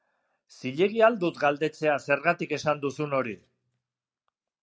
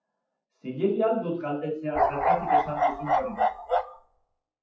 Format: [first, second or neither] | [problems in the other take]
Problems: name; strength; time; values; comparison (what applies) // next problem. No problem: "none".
first | noise reduction (classical method WPE with log-MMSE)